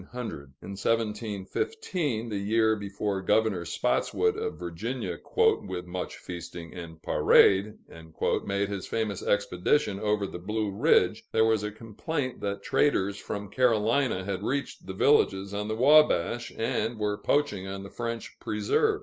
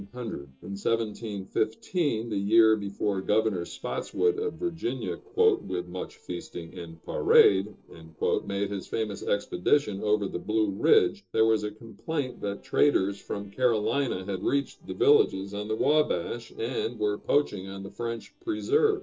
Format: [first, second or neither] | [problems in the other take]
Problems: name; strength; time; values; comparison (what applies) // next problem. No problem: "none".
first | noise reduction (neural separator model SepFormer DNS4)